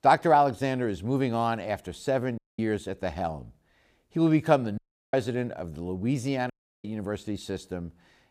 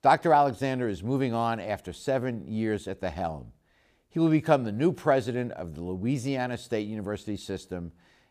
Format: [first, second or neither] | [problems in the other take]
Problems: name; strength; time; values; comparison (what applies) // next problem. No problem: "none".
second | audio cutting out; at 2.5 s, at 5 s and at 6.5 s